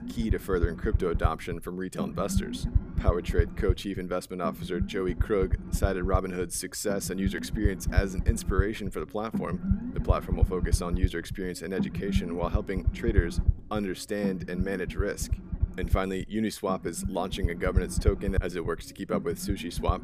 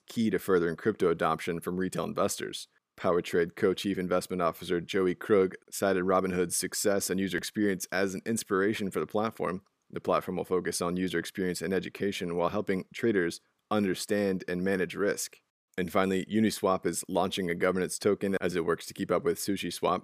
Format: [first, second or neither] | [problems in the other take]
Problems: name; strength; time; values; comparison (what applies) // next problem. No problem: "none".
second | low rumble; noticeable; throughout; 10 dB below the speech